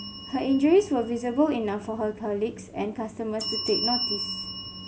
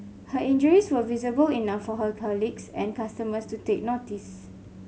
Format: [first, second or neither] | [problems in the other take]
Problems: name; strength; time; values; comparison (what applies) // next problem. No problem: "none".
second | background sound (Bell); 9 dB below the speech